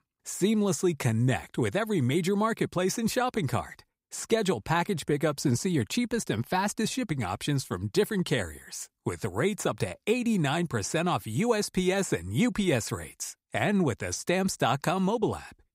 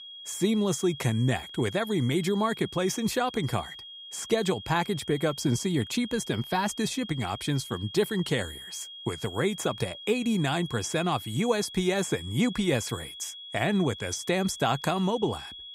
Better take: first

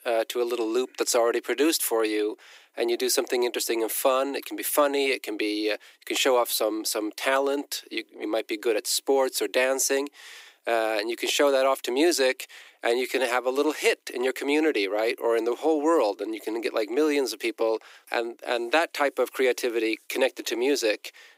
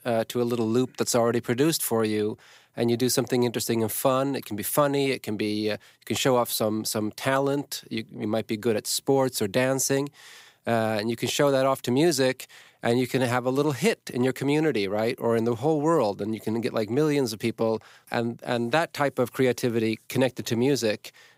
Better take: second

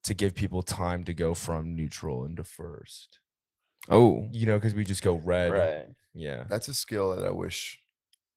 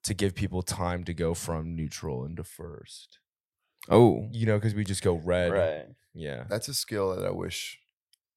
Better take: second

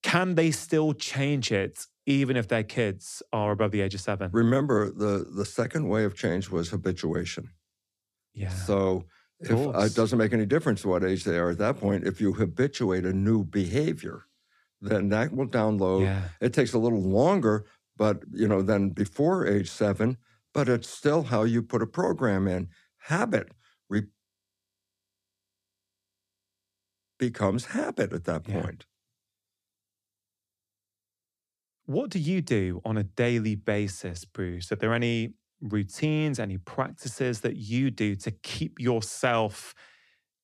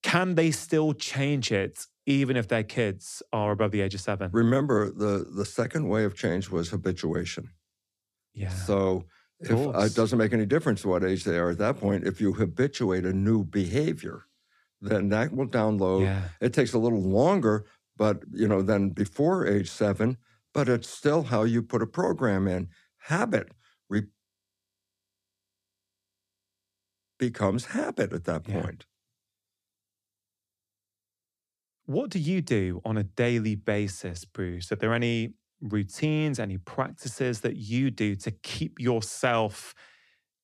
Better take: neither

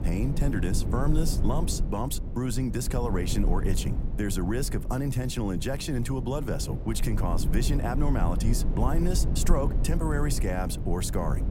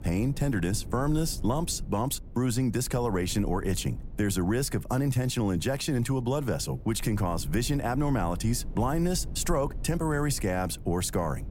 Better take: second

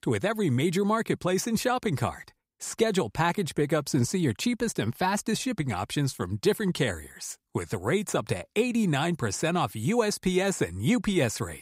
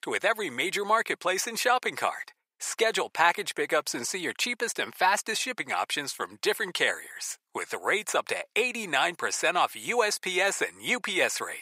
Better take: first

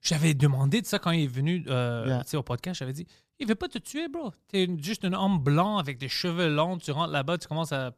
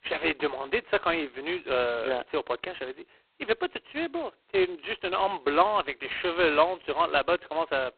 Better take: first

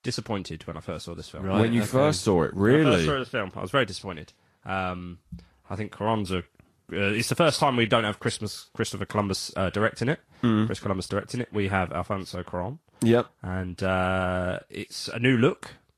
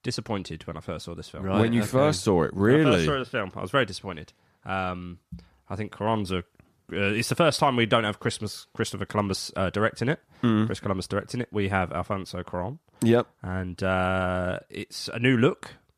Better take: second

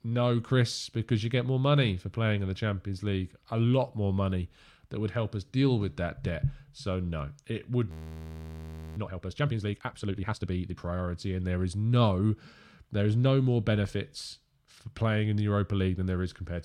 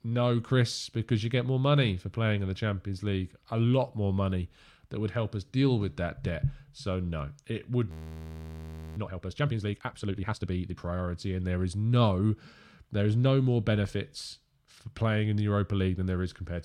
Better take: neither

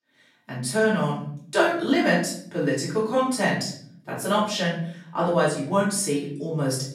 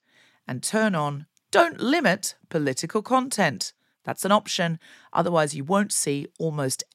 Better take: second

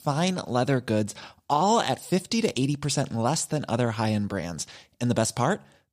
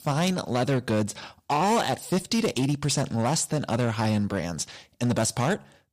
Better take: first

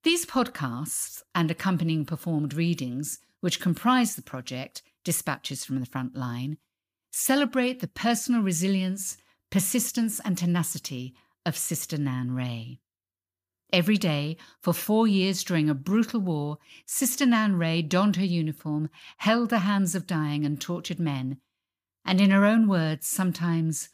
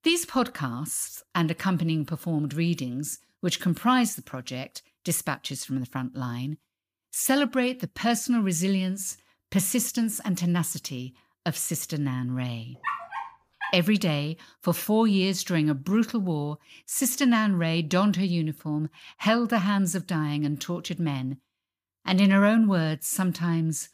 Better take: first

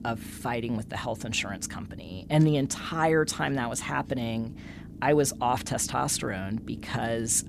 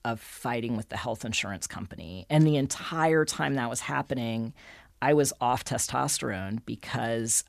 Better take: second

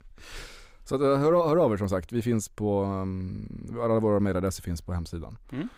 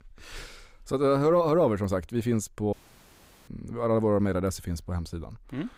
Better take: first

